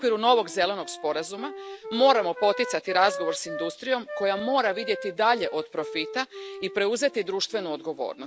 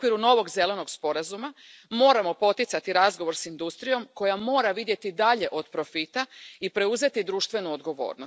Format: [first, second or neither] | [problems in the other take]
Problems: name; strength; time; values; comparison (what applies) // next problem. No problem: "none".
second | background sound (Wind instrument, woodwind instrument); 11 dB below the speech